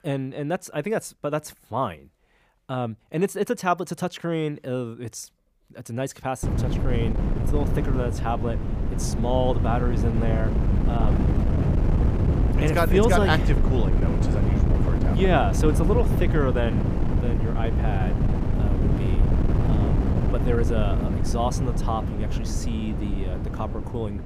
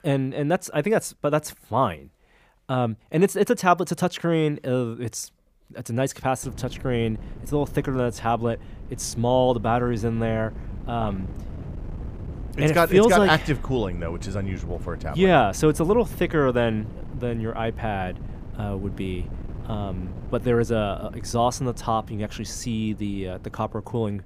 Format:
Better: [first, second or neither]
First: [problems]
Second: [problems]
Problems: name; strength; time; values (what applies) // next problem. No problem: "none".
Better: second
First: wind noise on the microphone; heavy; from 6.5 s on; 5 dB below the speech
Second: wind noise on the microphone; occasional gusts; from 6.5 s on; 20 dB below the speech